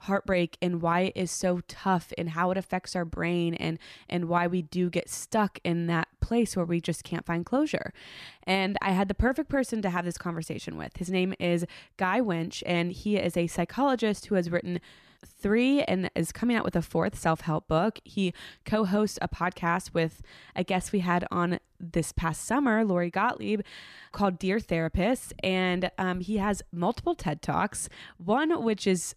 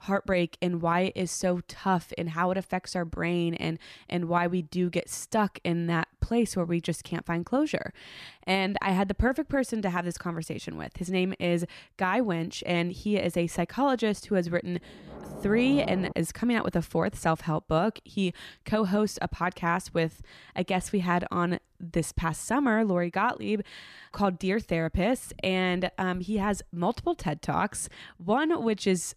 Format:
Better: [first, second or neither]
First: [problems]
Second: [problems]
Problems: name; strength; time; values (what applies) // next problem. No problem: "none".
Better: first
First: none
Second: door banging; noticeable; from 15 to 16 s; peak 7 dB below the speech